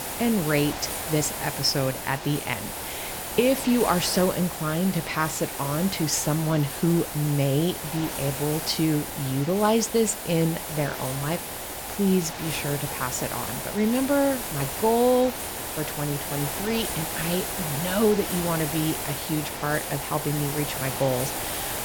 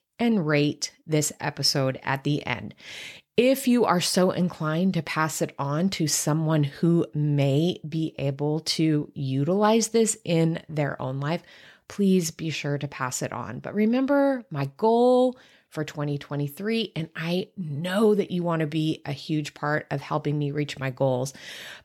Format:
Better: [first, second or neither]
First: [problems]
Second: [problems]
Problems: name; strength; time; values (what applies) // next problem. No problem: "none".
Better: second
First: hiss; loud; throughout; 5 dB below the speech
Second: none